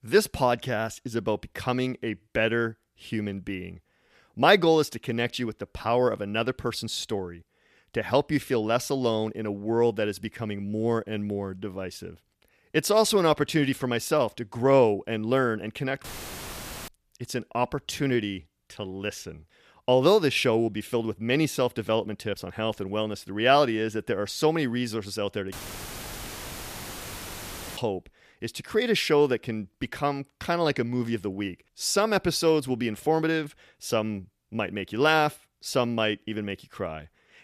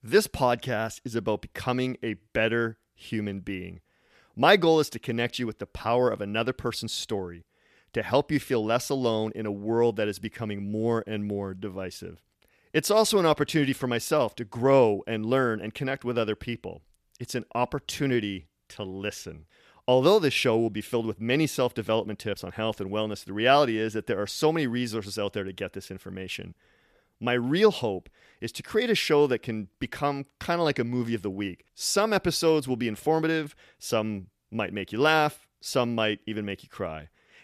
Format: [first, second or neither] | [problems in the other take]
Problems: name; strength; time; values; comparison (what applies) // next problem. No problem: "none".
second | audio cutting out; filled with static; at 16 s for 1 s and at 26 s for 2.5 s